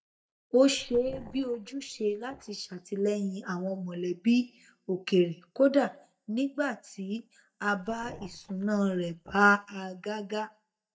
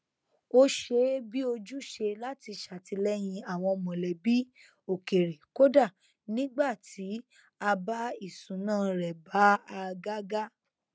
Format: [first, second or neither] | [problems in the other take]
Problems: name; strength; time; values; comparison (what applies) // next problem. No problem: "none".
second | noise reduction (neural mask model DeepFilterNet 3)